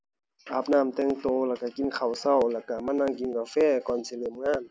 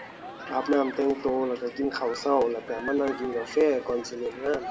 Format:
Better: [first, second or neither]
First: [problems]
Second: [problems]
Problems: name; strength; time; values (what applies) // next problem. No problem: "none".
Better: first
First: none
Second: background sound (Human group actions); 14 dB below the speech // room echo; dies away in 1 s